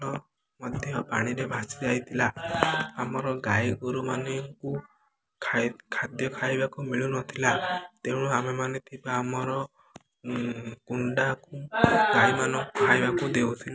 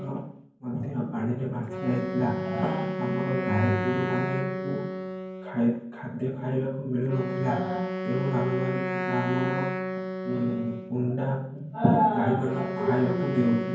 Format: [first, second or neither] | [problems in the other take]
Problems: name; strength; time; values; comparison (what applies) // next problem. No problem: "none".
first | background sound (Wind instrument, woodwind instrument); 5 dB below the speech // room echo; dies away in 0.9 s